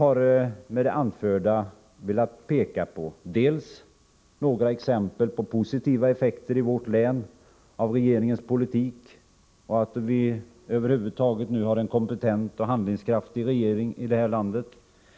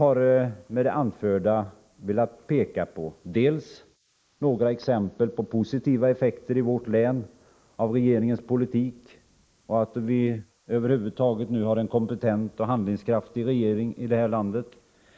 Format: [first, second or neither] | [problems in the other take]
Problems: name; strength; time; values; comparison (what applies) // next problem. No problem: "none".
first | noise reduction (neural mask model Resemble Enhance denoiser)